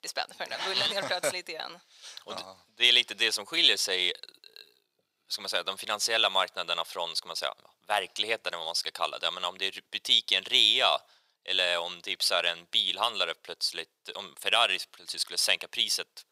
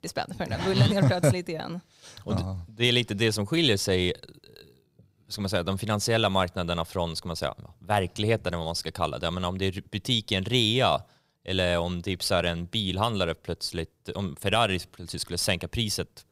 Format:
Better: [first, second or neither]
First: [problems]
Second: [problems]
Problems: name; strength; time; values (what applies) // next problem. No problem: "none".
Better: second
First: thin; very; fading below 700 Hz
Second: none